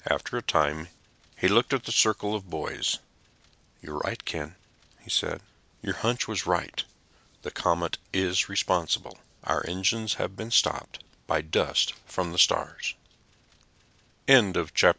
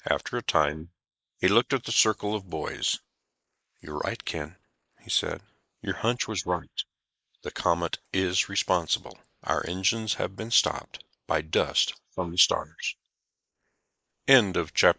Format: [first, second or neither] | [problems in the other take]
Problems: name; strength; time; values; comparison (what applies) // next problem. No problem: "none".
first | noise reduction (neural mask model Resemble Enhance denoiser)